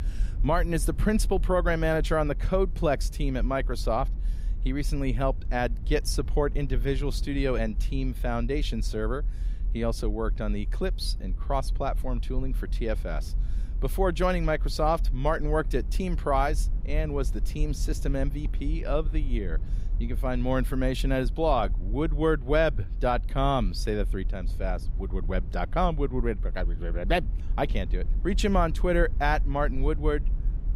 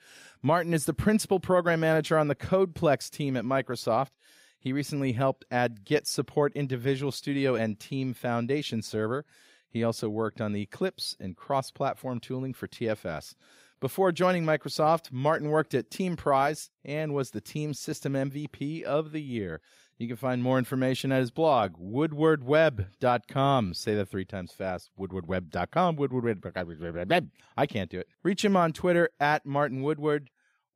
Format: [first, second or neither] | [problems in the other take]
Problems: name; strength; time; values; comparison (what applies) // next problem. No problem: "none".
second | low rumble; faint; throughout; 25 dB below the speech